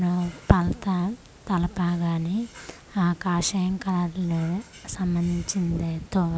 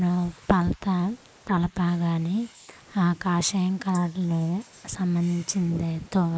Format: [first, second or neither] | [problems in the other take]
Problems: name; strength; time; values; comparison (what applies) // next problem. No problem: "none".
first | noise reduction (neural mask model Resemble Enhance denoiser)